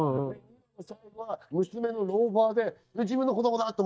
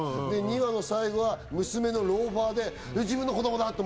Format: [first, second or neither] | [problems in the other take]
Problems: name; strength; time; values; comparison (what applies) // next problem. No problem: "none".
second | noise reduction (neural mask model DeepFilterNet 3)